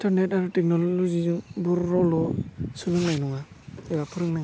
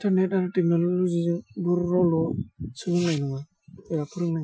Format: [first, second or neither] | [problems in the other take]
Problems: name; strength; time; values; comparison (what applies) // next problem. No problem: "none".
first | noise reduction (classical method Wiener filter)